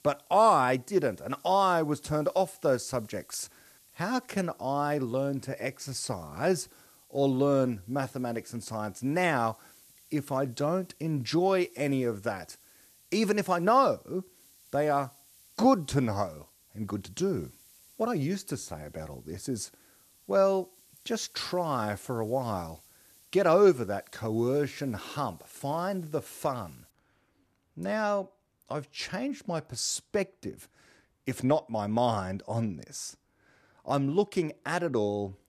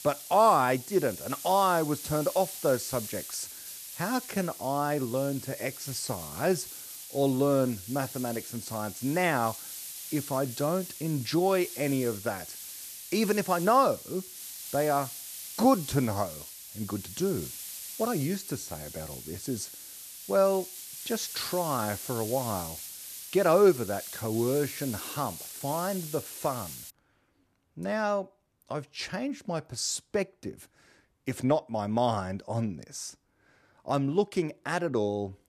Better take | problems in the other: first | hiss; loud; until 27 s; 10 dB below the speech; faint in the first

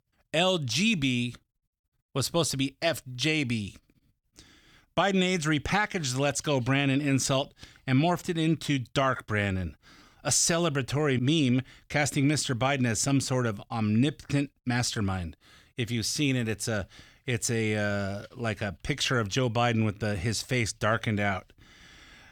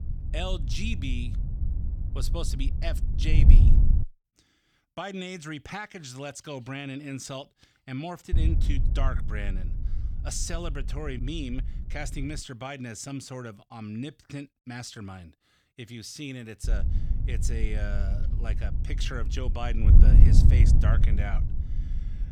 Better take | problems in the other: first | wind noise on the microphone; heavy; until 4 s, from 8.5 to 12 s and from 17 s on; 5 dB below the speech

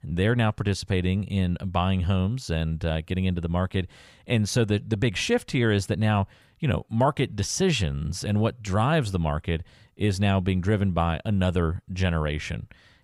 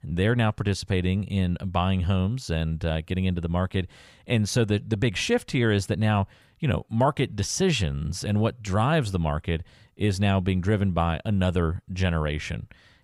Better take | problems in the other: neither | none

